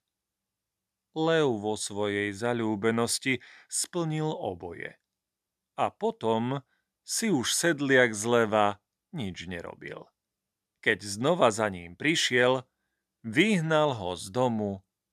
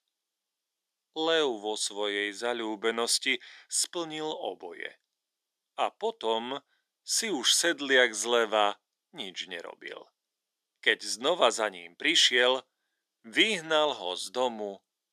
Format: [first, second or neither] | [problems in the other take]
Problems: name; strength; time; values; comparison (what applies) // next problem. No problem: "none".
first | thin; somewhat; fading below 350 Hz